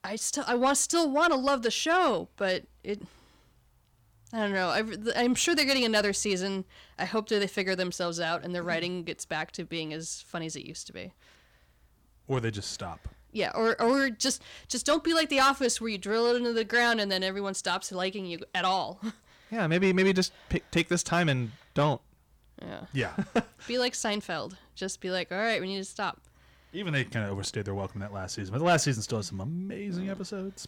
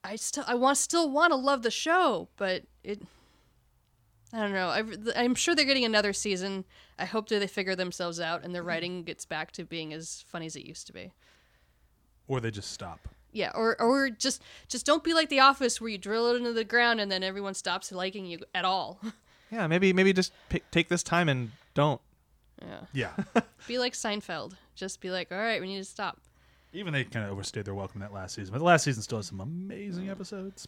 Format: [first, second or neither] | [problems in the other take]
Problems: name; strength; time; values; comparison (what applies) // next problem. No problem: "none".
second | distortion; slight; 10 dB below the speech